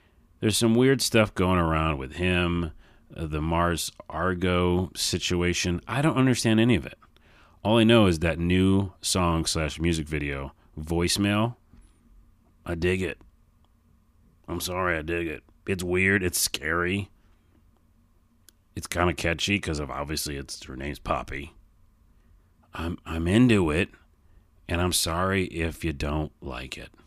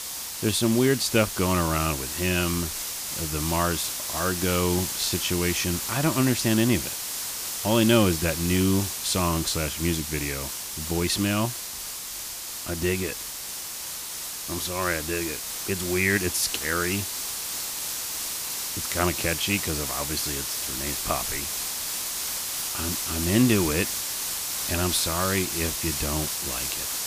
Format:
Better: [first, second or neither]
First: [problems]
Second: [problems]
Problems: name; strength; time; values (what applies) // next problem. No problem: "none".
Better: first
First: none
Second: hiss; loud; throughout; 3 dB below the speech